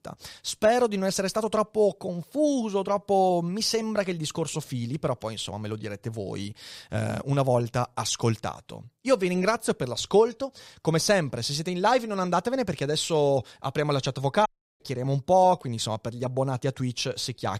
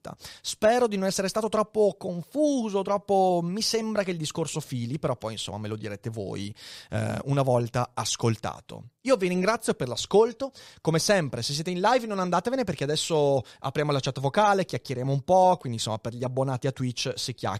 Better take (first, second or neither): second